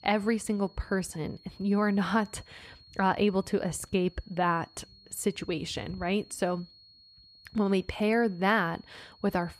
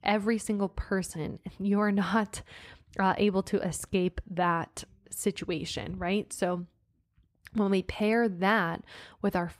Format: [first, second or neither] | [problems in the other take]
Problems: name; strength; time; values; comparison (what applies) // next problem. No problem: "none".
second | high-pitched whine; faint; throughout; 4.5 kHz, 25 dB below the speech